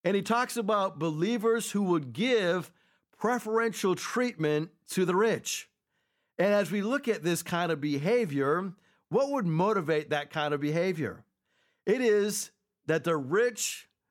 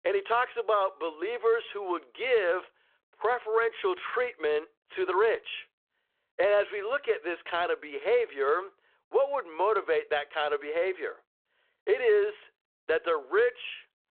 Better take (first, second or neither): first